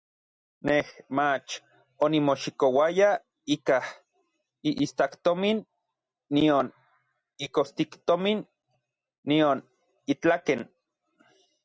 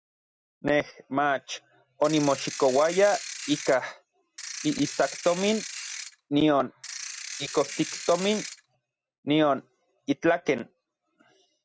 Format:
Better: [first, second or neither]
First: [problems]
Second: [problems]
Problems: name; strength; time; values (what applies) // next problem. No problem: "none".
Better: first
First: none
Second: background sound (Ratchet, pawl / Percussion); 10 dB below the speech